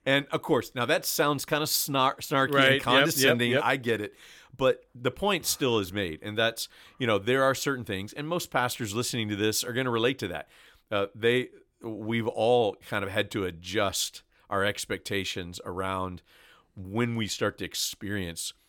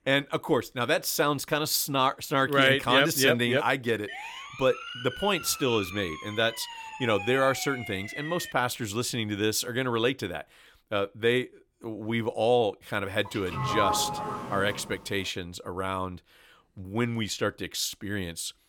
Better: first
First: none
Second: siren; noticeable; from 4 to 8.5 s; peak 9 dB below the speech // doorbell; loud; from 13 to 15 s; peak level with the speech

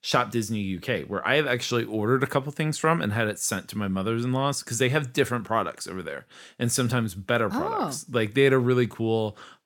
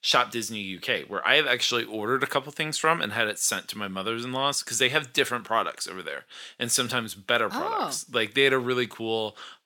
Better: first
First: none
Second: thin; somewhat; fading below 650 Hz

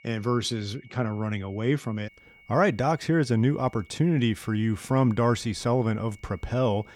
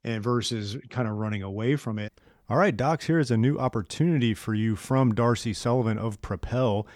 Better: second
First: high-pitched whine; faint; throughout; 2 kHz, 25 dB below the speech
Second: none

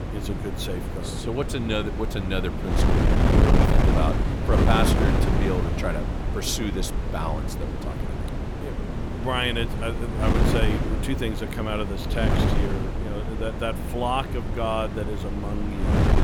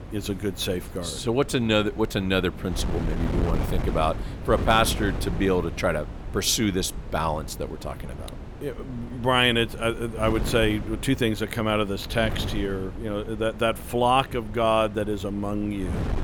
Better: second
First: wind noise on the microphone; heavy; 1 dB below the speech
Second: wind noise on the microphone; occasional gusts; 15 dB below the speech

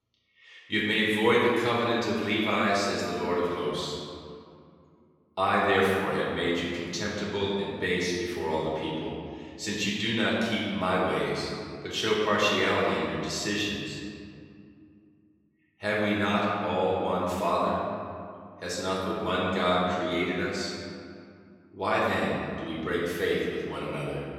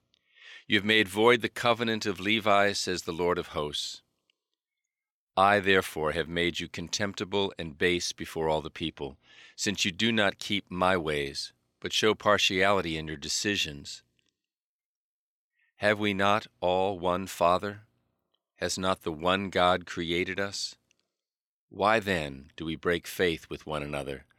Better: second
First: off-mic speech; far // room echo; strong; dies away in 2.2 s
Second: none

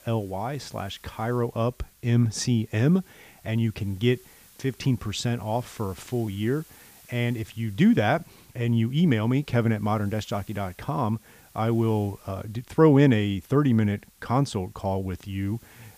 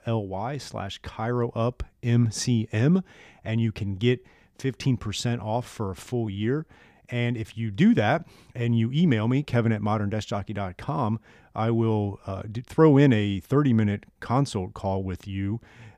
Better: second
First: hiss; faint; throughout; 25 dB below the speech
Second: none

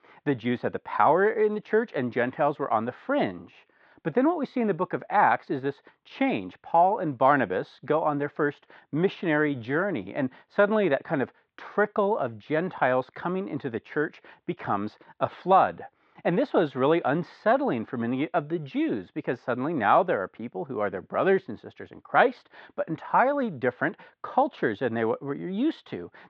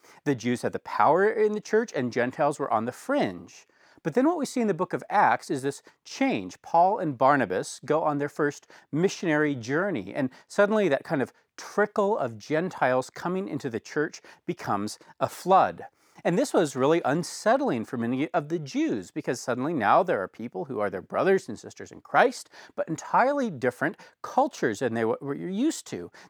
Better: second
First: muffled; very; fading above 3.5 kHz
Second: none

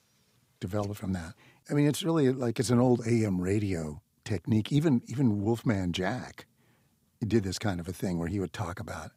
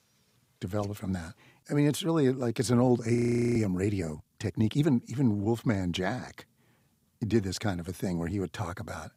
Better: first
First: none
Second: audio freezing; at 3 s

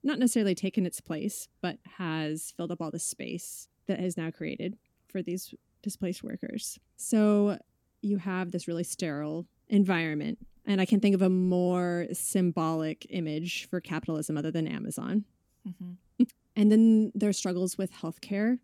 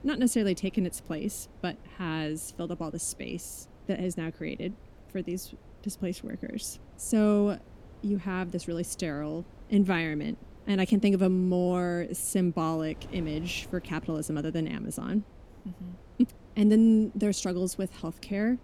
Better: first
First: none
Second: wind noise on the microphone; occasional gusts; 25 dB below the speech

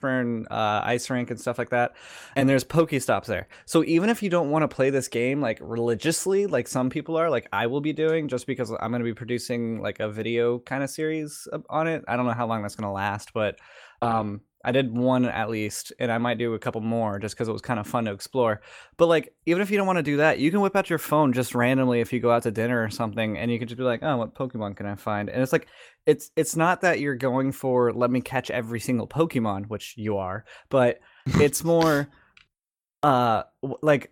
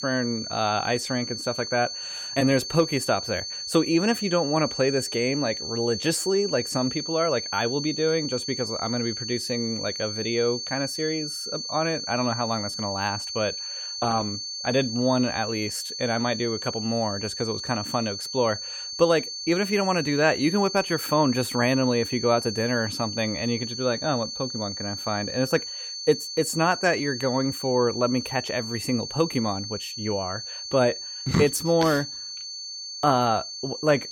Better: first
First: none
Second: high-pitched whine; loud; throughout; 4.5 kHz, 5 dB below the speech

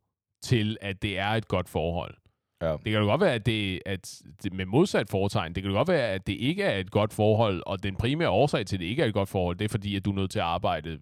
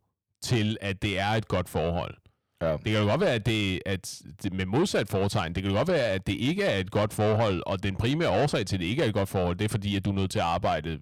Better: first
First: none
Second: distortion; slight; 10 dB below the speech

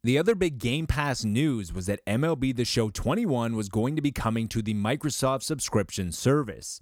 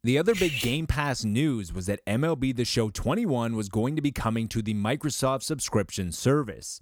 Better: first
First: none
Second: clattering dishes; noticeable; at 0.5 s; peak 2 dB below the speech

